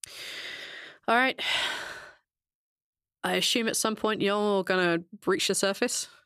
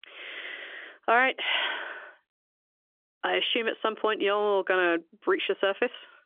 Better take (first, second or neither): first